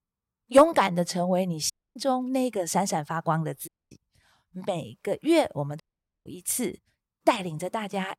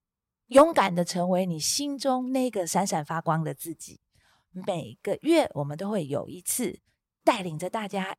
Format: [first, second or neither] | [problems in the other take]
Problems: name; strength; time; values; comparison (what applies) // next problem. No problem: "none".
second | audio cutting out; at 1.5 s, at 3.5 s and at 6 s